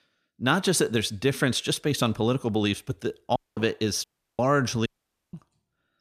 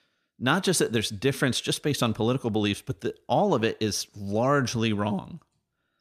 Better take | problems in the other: second | audio cutting out; at 3.5 s, at 4 s and at 5 s

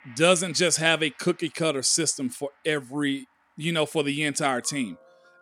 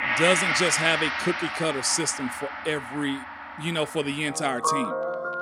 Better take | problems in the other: first | background music; loud; throughout; 1 dB below the speech; faint in the first

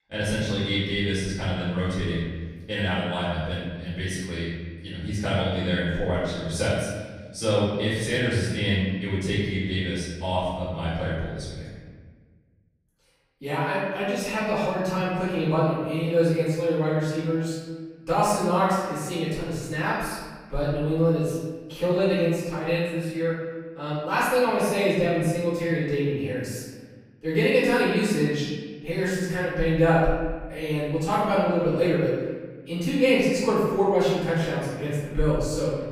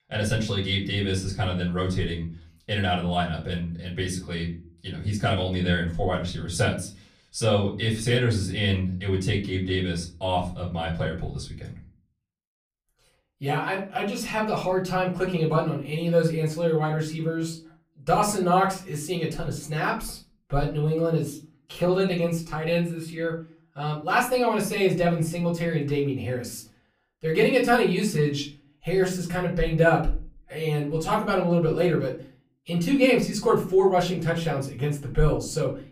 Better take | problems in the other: second | room echo; strong; dies away in 1.4 s; slight in the second // off-mic speech; far; far in the second

